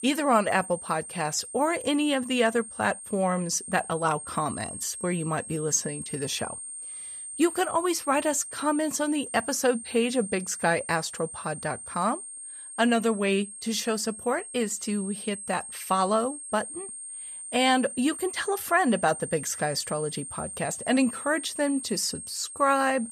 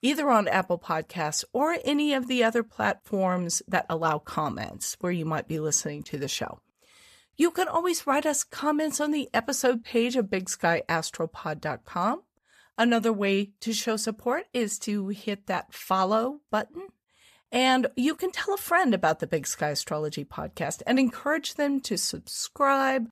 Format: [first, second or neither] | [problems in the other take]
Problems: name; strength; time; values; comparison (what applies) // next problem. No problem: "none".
second | high-pitched whine; loud; throughout; 8.5 kHz, 10 dB below the speech